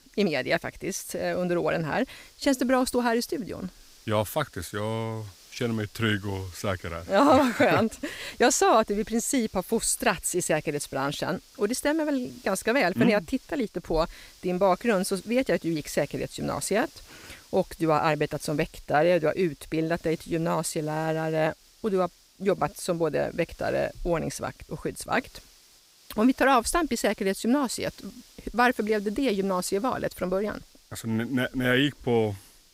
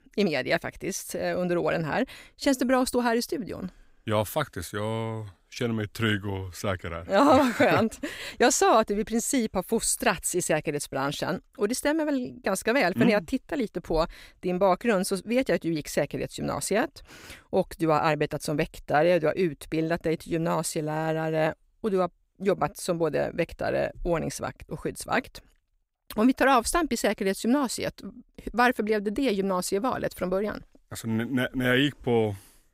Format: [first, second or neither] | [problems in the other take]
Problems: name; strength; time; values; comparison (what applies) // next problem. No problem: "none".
second | hiss; faint; throughout; 25 dB below the speech